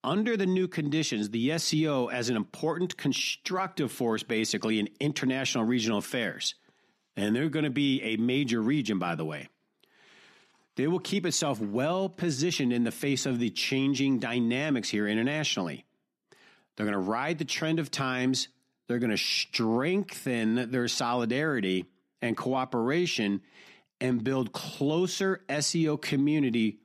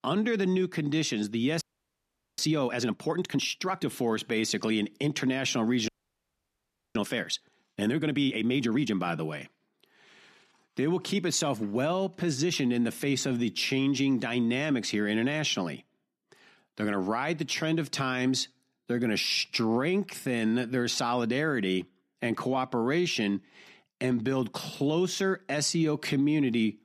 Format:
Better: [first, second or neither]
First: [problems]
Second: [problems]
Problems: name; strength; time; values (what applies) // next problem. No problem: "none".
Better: first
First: none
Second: audio freezing; at 1.5 s for 1 s and at 6 s for 1 s